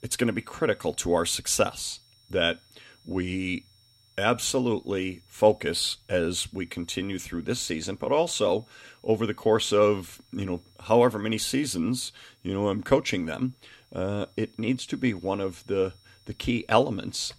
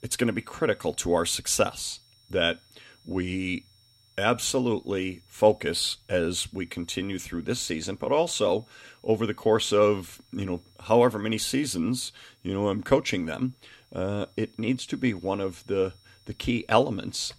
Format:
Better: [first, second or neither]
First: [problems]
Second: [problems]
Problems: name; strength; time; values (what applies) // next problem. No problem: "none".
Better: neither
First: high-pitched whine; faint; throughout; 5.5 kHz, 35 dB below the speech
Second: high-pitched whine; faint; throughout; 5.5 kHz, 35 dB below the speech